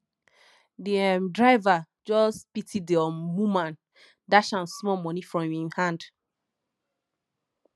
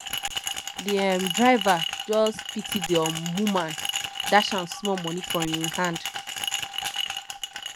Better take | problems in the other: first | background sound (Glass); 5 dB below the speech

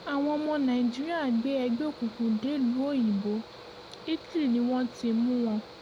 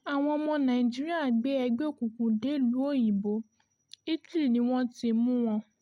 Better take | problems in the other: second | background sound (Mechanical fan); 17 dB below the speech

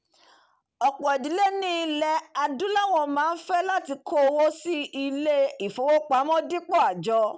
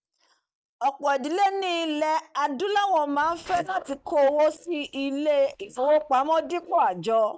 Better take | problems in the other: first | noise reduction (neural mask model DeepFilterNet 3)

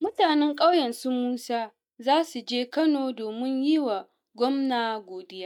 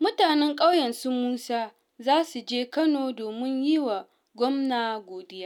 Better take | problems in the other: second | noise reduction (neural mask model DeepFilterNet 3)

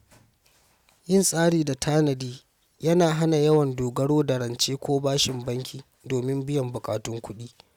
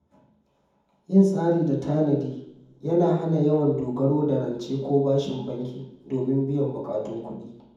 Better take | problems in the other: first | room echo; dies away in 1.2 s

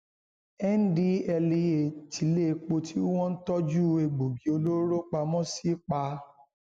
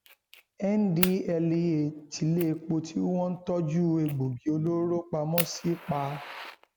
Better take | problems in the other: first | background sound (Fire); 12 dB below the speech

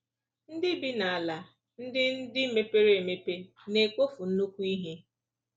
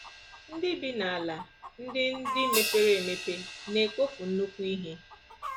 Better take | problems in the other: first | background sound (Crash cymbal + Chicken, rooster); 6 dB below the speech

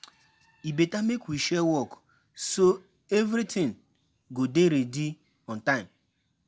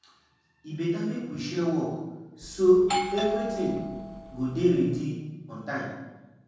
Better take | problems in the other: first | background sound (Doorbell); 6 dB below the speech // room echo; dies away in 1.3 s

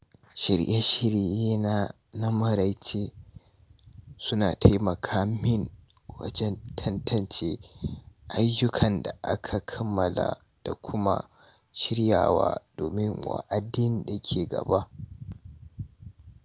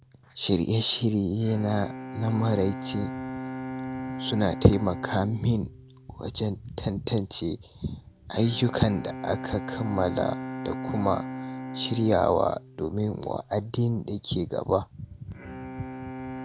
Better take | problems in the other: first | background sound (Bowed string instrument); 10 dB below the speech

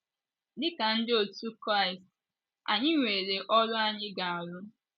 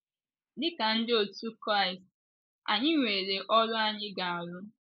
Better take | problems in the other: first | noise reduction (neural mask model Resemble Enhance denoiser)

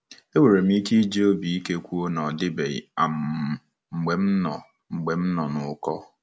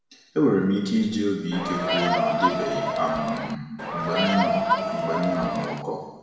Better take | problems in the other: first | background sound (Crowd); 1 dB above the speech // room echo; dies away in 1.1 s

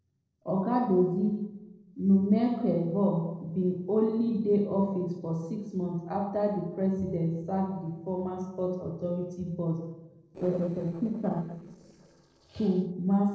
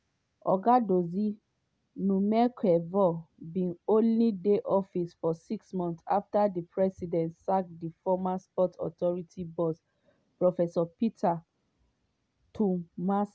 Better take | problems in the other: second | noise reduction (neural separator model SepFormer DNS4)

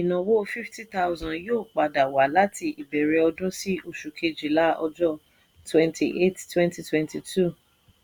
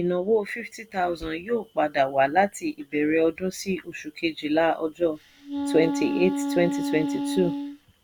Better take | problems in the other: first | background sound (Wind instrument, woodwind instrument); 3 dB below the speech

